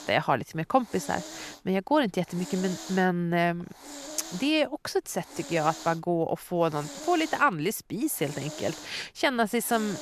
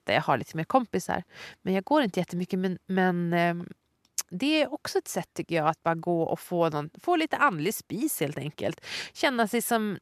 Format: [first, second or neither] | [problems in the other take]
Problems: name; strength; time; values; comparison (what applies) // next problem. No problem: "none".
second | hiss; noticeable; throughout; 15 dB below the speech